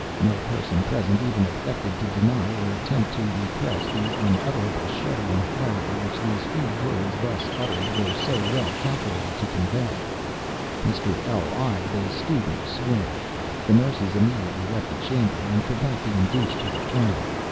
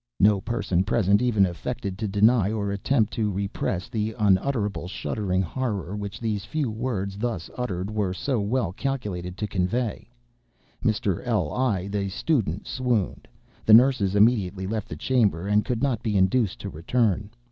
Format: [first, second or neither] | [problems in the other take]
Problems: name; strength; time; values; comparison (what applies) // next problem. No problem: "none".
second | background sound (Ocean); 3 dB below the speech